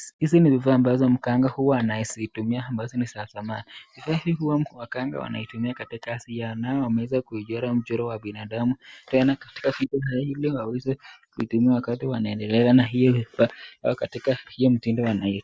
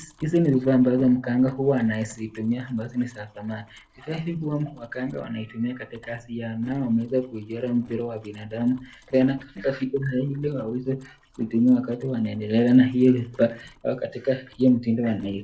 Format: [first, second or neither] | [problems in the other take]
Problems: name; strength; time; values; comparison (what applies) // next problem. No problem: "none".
first | noise reduction (neural separator model SepFormer DNS4)